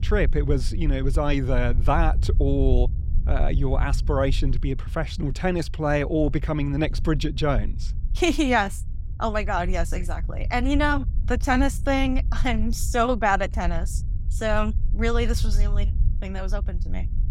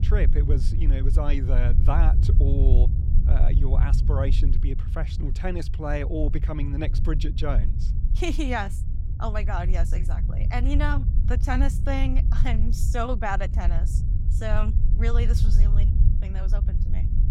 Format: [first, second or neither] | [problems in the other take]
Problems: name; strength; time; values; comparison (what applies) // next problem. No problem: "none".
first | low rumble; loud; throughout; 9 dB below the speech; faint in the first